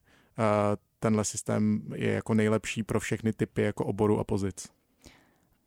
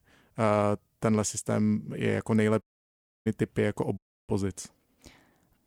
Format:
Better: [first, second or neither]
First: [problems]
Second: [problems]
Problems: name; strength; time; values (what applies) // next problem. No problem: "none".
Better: first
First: none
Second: audio cutting out; at 2.5 s for 0.5 s and at 4 s